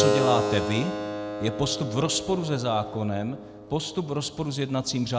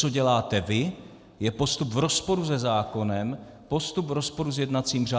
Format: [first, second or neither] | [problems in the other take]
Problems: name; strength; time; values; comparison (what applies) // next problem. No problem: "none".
second | background sound (Keyboard (musical)); 3 dB below the speech